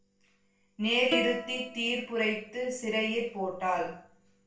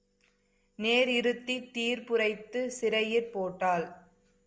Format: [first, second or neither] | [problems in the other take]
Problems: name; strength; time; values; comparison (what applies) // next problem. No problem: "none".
second | background sound (Plucked string instrument); 8 dB below the speech // room echo; dies away in 0.4 s